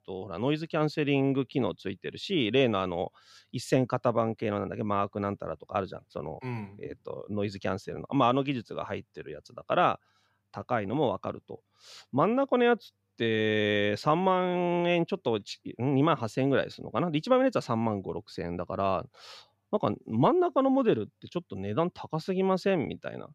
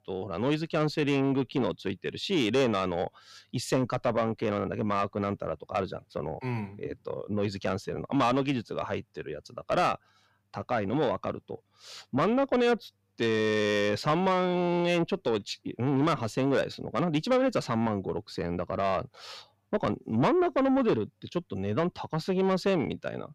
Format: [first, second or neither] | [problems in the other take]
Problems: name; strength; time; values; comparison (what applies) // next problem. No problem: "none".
first | distortion; slight; 10 dB below the speech